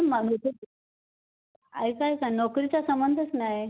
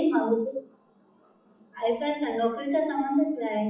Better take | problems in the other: first | noise reduction (classical method WPE with log-MMSE)

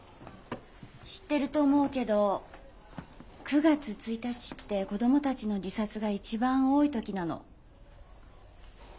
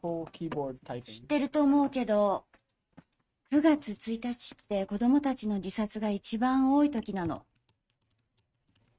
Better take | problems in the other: first | noise reduction (neural mask model RNNoise)

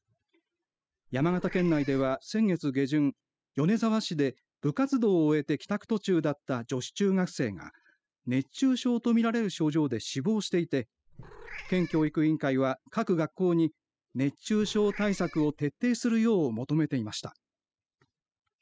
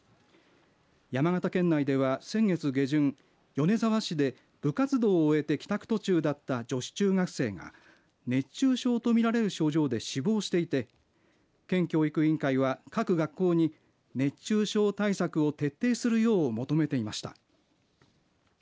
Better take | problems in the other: second | noise reduction (classical method spectral subtraction)

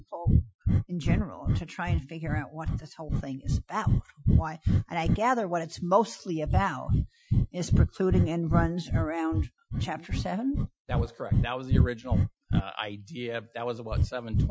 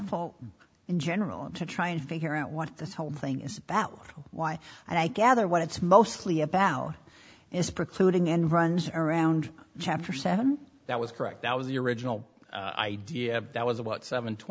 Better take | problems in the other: second | noise reduction (classical method Wiener filter)

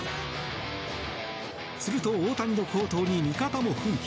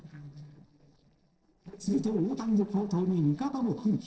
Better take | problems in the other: first | noise reduction (neural separator model SepFormer DNS4)

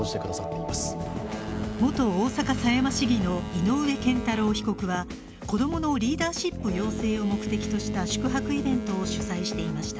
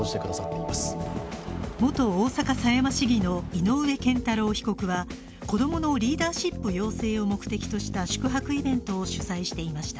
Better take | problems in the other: second | background sound (Boat, Water vehicle); 8 dB below the speech

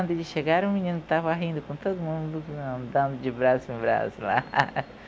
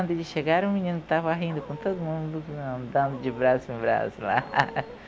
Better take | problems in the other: first | background sound (Dog); 16 dB below the speech

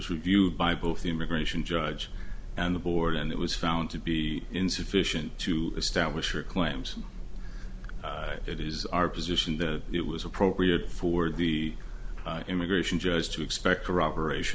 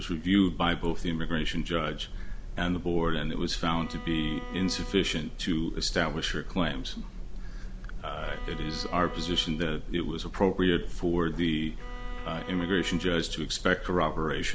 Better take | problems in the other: first | background sound (Bowed string instrument); 17 dB below the speech

